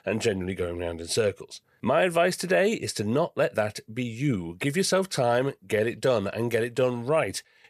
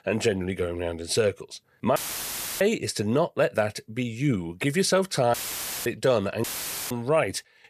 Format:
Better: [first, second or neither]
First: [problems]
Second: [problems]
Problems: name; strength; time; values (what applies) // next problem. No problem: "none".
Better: first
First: none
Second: audio cutting out; filled with static; at 2 s for 0.5 s, at 5.5 s for 0.5 s and at 6.5 s